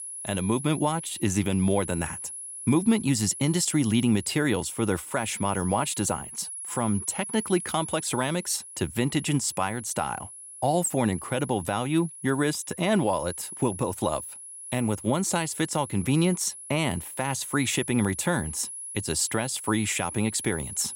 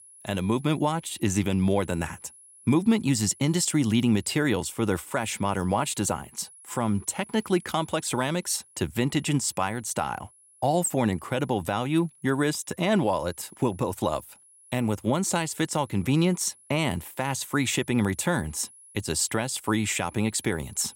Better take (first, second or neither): second